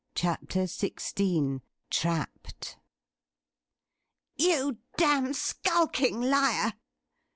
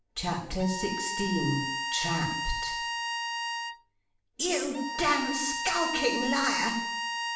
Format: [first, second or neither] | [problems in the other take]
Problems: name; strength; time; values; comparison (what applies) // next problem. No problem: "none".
first | background sound (Bowed string instrument); 2 dB below the speech // room echo; dies away in 0.6 s